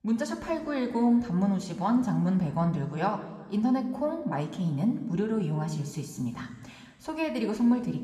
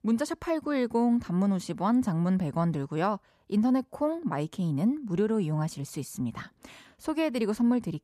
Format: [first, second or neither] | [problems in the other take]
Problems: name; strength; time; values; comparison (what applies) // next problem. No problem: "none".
second | room echo; slight; dies away in 1.5 s